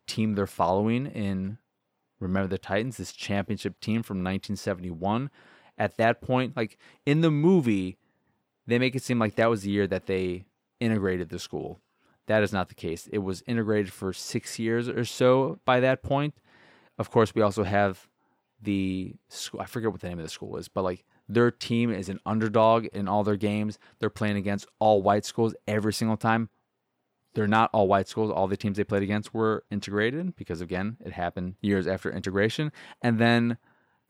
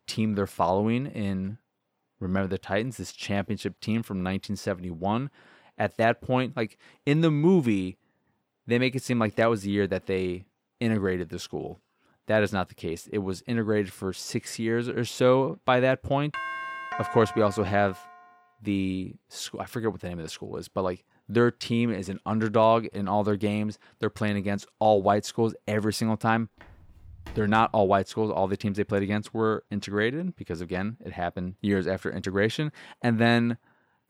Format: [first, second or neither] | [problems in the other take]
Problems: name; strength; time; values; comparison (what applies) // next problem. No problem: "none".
first | doorbell; noticeable; from 16 to 18 s; peak 6 dB below the speech // footsteps; faint; from 27 to 28 s; peak 15 dB below the speech